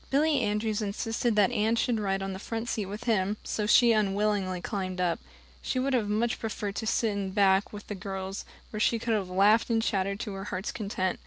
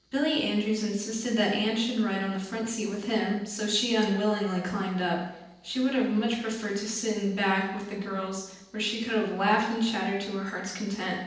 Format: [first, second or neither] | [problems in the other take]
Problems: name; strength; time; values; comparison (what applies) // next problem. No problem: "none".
first | noise reduction (neural separator model SepFormer DNS4)